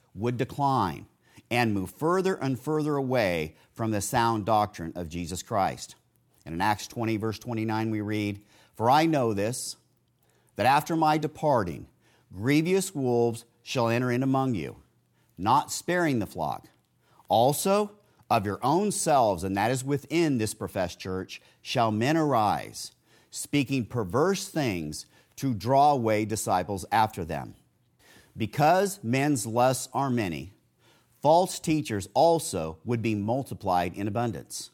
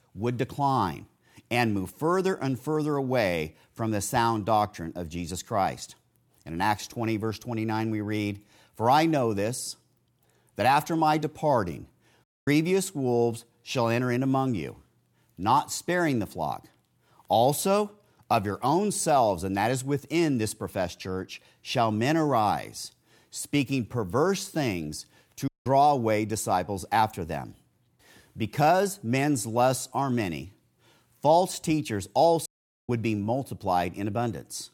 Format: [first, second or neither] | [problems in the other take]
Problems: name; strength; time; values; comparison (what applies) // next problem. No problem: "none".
first | audio cutting out; at 12 s, at 25 s and at 32 s